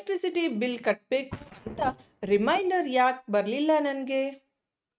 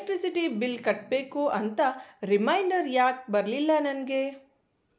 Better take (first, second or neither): second